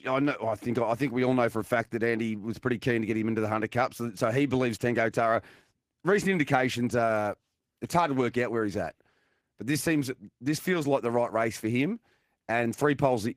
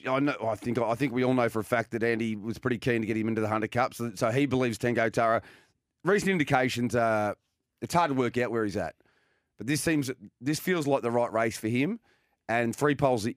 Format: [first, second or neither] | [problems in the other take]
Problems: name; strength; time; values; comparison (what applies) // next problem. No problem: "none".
second | garbled, watery; slightly; nothing above 15 kHz